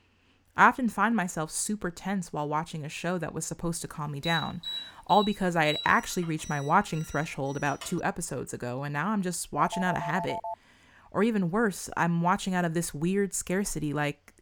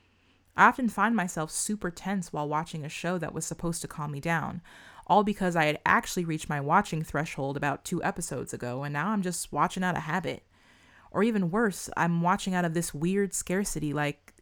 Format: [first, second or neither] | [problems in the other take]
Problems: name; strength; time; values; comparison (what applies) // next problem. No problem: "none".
second | alarm; noticeable; from 4 to 8 s; peak 5 dB below the speech // phone ringing; noticeable; at 9.5 s; peak 7 dB below the speech